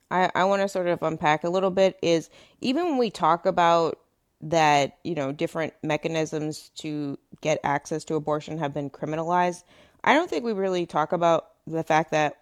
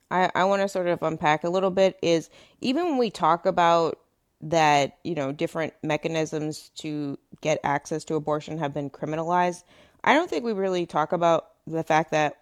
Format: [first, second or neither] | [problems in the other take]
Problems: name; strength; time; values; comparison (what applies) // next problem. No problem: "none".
neither | none